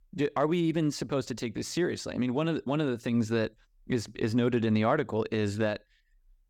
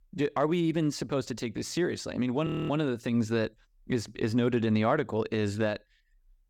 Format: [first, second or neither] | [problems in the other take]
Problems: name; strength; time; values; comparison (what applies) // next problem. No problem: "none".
first | audio freezing; at 2.5 s